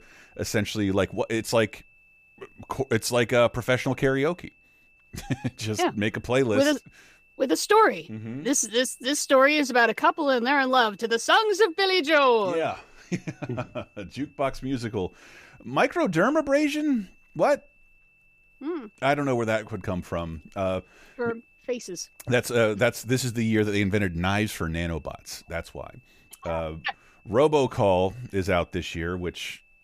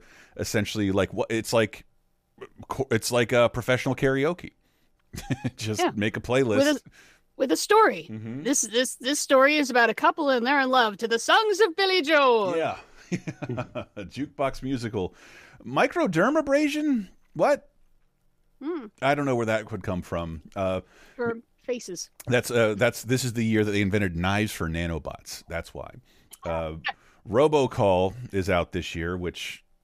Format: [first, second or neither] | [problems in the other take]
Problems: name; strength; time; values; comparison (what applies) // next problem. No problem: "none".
second | high-pitched whine; faint; throughout; 2.5 kHz, 35 dB below the speech